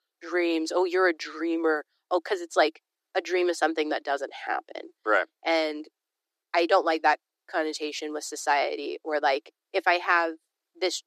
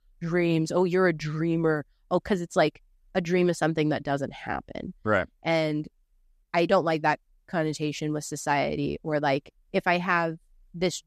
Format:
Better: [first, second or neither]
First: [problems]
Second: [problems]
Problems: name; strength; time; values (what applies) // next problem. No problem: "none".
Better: second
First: thin; very; fading below 300 Hz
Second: none